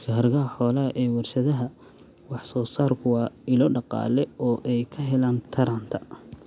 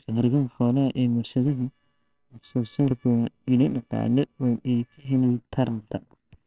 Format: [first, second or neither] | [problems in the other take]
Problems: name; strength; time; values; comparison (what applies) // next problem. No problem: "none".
first | noise reduction (neural separator model SepFormer WHAMR!)